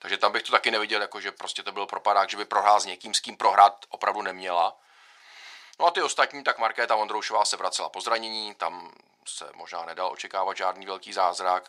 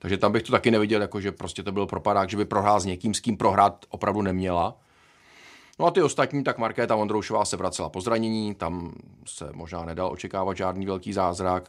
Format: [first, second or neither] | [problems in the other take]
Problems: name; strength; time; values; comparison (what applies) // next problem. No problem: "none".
second | thin; very; fading below 750 Hz